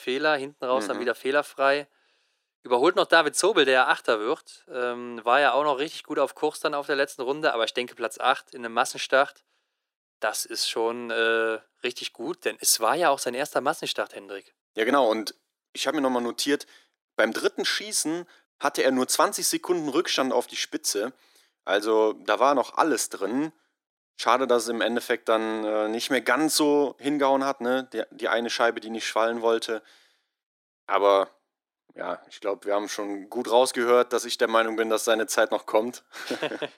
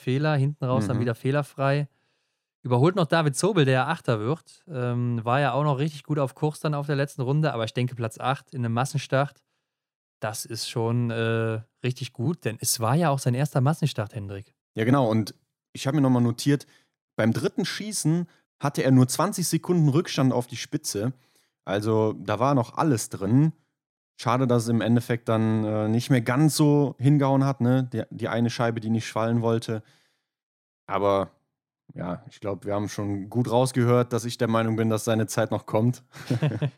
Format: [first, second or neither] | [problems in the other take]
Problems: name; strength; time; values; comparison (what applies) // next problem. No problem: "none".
second | thin; somewhat; fading below 350 Hz